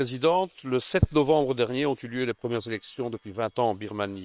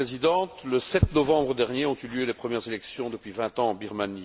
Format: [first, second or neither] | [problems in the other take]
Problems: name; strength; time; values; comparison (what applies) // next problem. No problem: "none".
second | noise reduction (neural separator model SepFormer WHAM!)